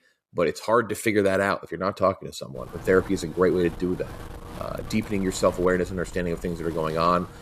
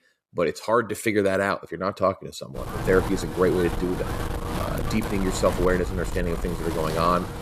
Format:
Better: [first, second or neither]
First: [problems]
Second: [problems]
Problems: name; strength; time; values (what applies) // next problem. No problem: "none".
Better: first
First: wind noise on the microphone; occasional gusts; from 2.5 s on; 20 dB below the speech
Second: wind noise on the microphone; heavy; from 2.5 s on; 8 dB below the speech